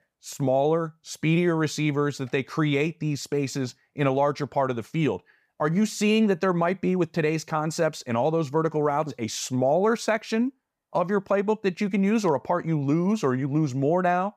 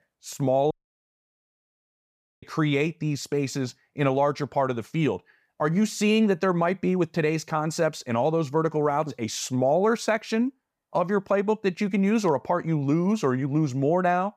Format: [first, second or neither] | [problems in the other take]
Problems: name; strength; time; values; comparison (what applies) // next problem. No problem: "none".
first | audio cutting out; at 0.5 s for 1.5 s